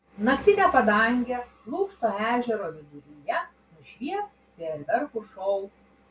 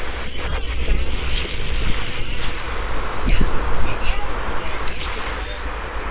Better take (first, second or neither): first